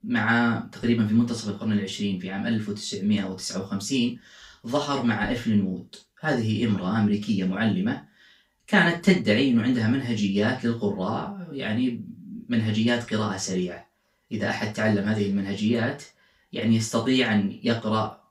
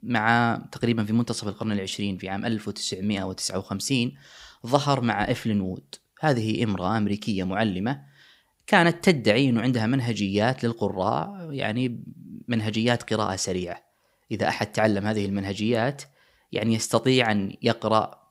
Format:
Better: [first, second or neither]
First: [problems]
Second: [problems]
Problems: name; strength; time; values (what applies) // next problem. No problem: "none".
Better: second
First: room echo; slight; dies away in 0.2 s // off-mic speech; far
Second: none